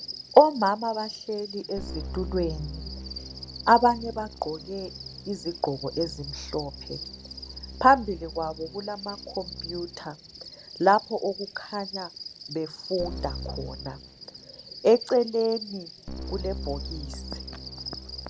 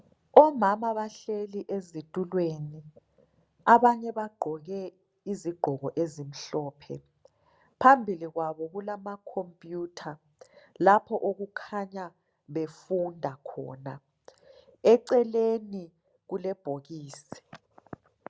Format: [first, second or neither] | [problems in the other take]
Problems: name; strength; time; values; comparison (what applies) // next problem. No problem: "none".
second | background sound (Keyboard (musical) + Cricket); 11 dB below the speech